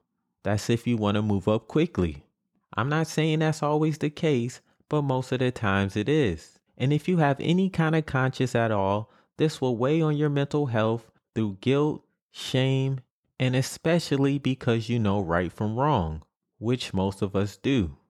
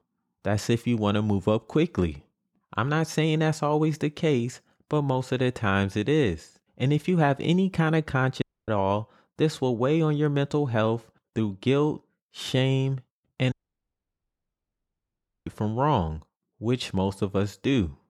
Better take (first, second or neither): first